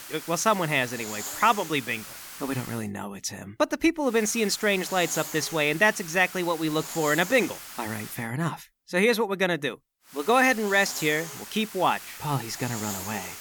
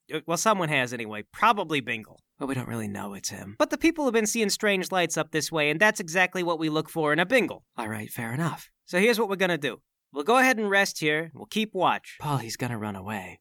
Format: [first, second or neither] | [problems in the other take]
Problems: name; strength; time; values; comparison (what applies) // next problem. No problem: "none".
second | hiss; noticeable; until 3 s, from 4 to 8 s and from 10 s on; 10 dB below the speech